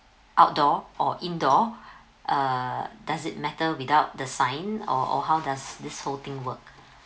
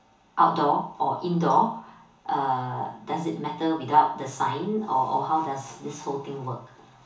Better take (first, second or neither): first